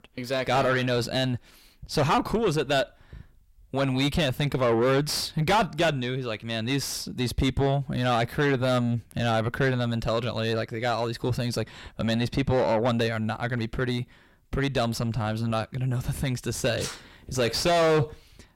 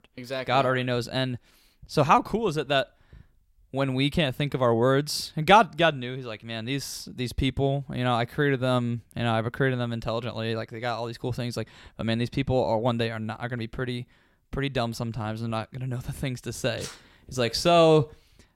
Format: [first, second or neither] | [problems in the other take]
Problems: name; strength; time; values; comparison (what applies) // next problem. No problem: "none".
second | distortion; heavy; 5 dB below the speech